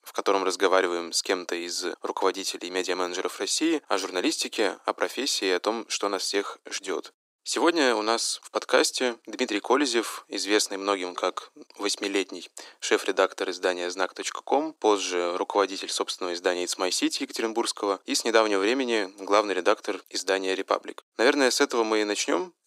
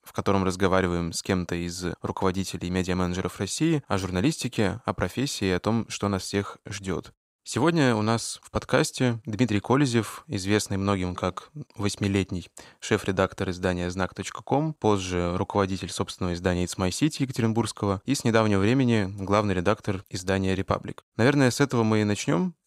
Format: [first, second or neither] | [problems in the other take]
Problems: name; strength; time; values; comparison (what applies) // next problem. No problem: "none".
second | thin; somewhat; fading below 300 Hz